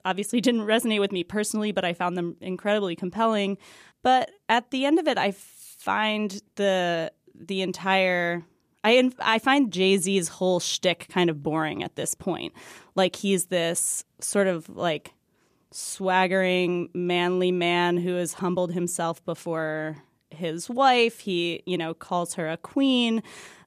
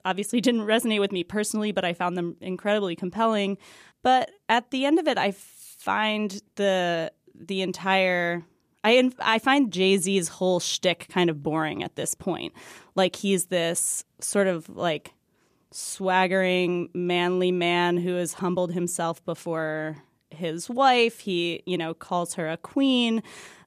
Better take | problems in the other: neither | none

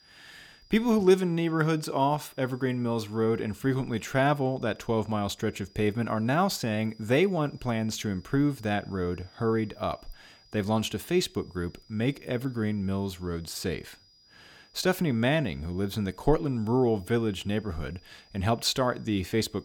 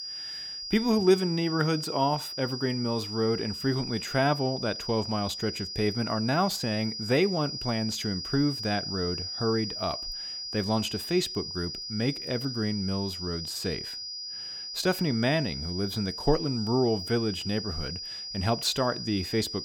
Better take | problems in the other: first | high-pitched whine; loud; throughout; 5 kHz, 5 dB below the speech; faint in the first

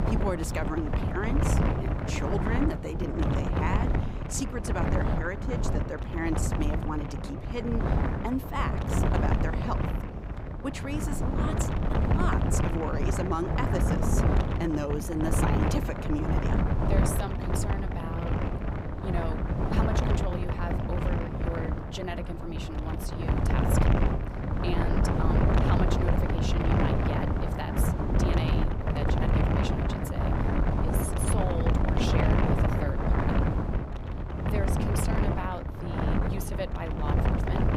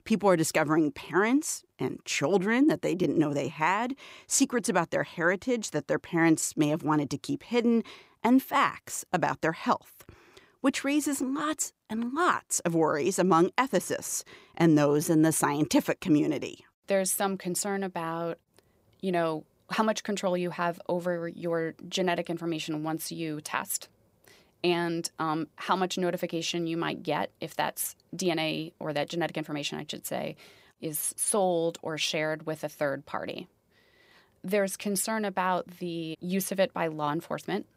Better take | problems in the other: second | wind noise on the microphone; heavy; 3 dB above the speech

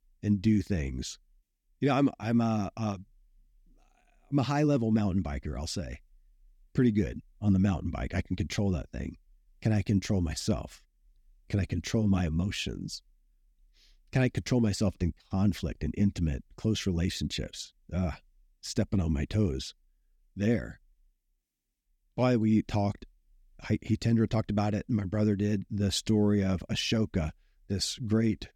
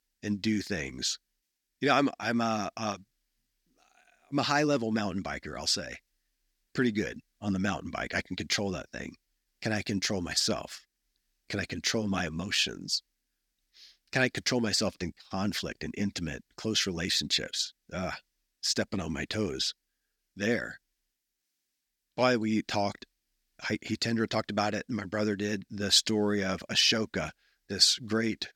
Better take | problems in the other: first | thin; somewhat; fading below 650 Hz

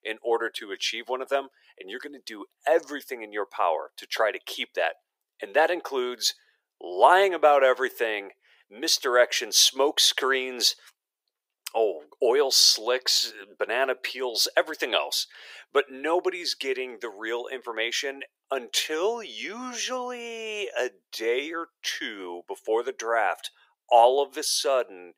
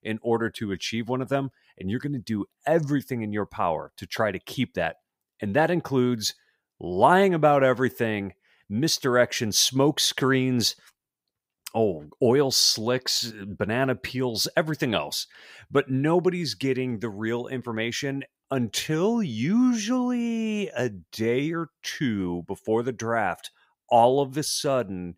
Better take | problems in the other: second | thin; very; fading below 400 Hz

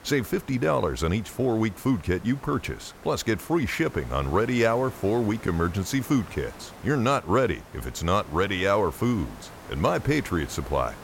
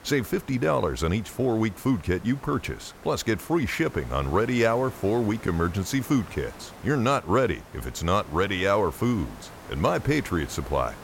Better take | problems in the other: neither | hiss; noticeable; throughout; 20 dB below the speech; the same in both

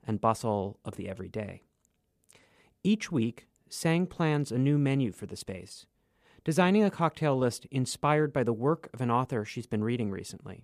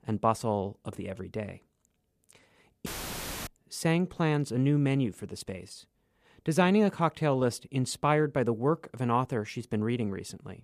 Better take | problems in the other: first | audio cutting out; filled with static; at 3 s for 0.5 s

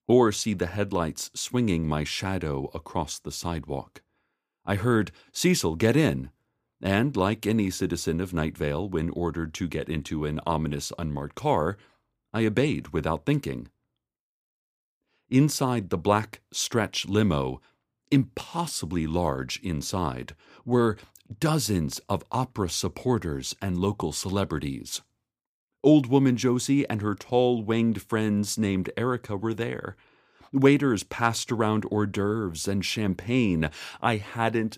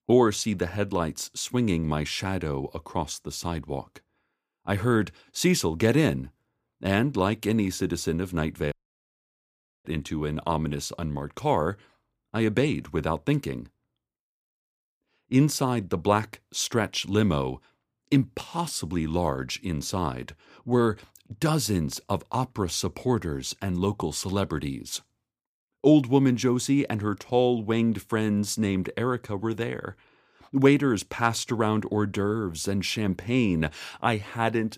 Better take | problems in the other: first | audio cutting out; at 8.5 s for 1 s

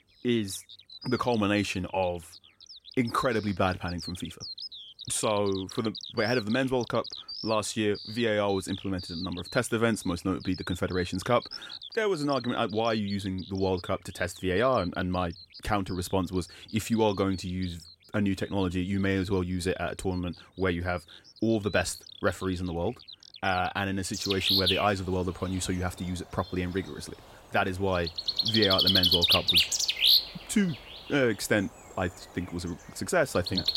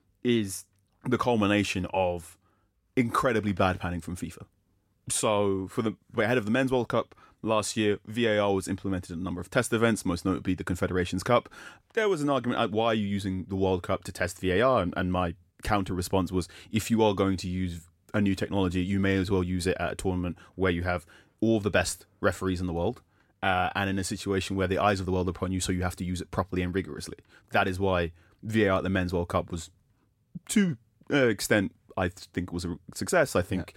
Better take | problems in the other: second | animal sounds; very loud; throughout; 2 dB above the speech

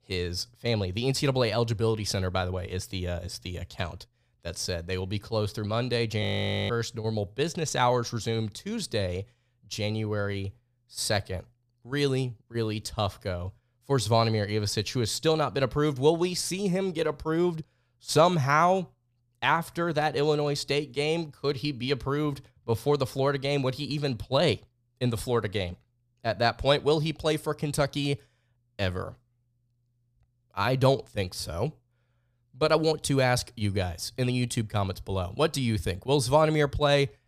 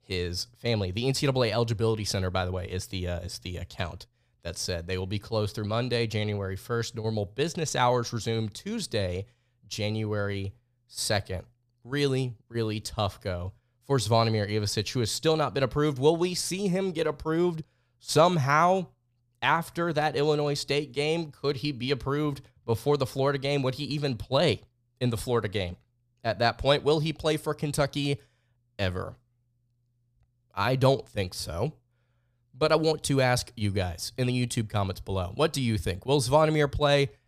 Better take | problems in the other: second | audio freezing; at 6 s

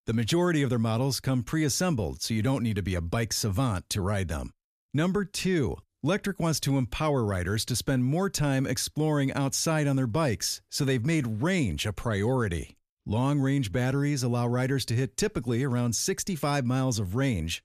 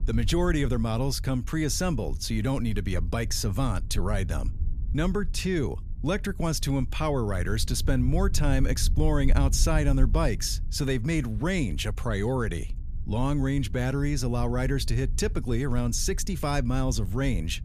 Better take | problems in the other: first | low rumble; faint; throughout; 20 dB below the speech

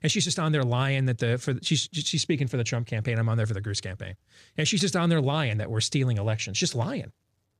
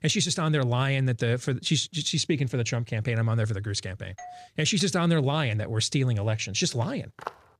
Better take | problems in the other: first | doorbell; faint; at 4 s; peak 20 dB below the speech // footsteps; faint; at 7 s; peak 15 dB below the speech

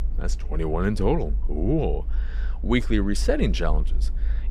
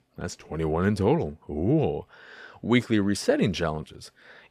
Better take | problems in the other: second | low rumble; faint; throughout; 20 dB below the speech

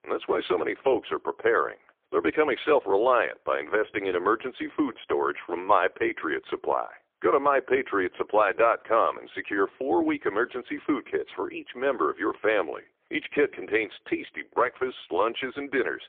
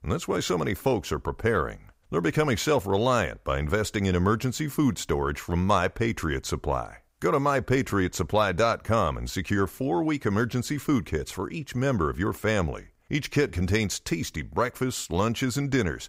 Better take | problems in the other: second | phone-call audio; poor line

